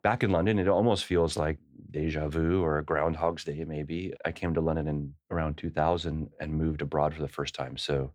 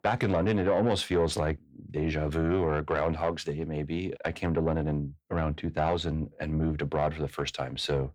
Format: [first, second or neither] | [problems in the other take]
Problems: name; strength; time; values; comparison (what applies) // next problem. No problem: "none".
first | distortion; slight; 10 dB below the speech